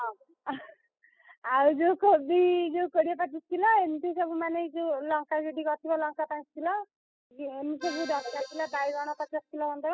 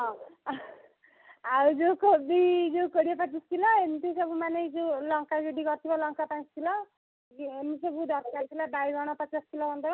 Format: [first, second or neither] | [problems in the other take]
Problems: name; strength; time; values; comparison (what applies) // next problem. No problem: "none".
second | noise reduction (classical method spectral subtraction)